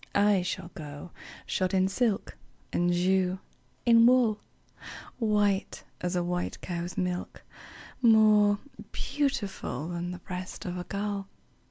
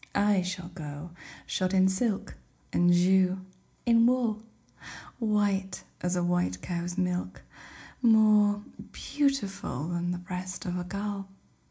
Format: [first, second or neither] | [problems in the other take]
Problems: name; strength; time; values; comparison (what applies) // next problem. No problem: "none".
first | room echo; dies away in 0.4 s